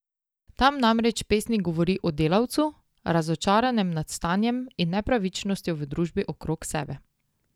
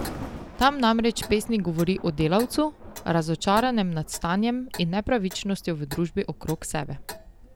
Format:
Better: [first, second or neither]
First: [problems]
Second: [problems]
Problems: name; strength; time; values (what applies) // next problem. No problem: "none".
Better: first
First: none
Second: background sound (Clock + Thunder); 14 dB below the speech